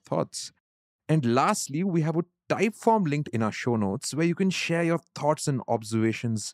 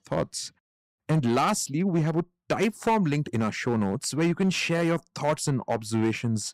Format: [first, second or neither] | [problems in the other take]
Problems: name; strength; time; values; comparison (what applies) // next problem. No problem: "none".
first | distortion; slight; 5% of the sound clipped